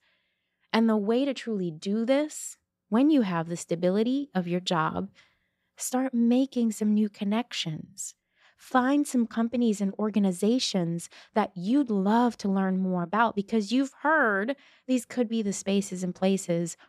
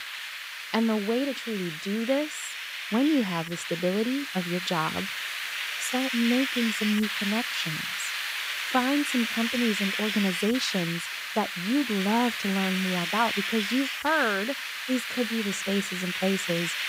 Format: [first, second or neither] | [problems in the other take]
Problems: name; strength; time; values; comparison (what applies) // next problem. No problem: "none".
first | hiss; loud; throughout; 2 dB below the speech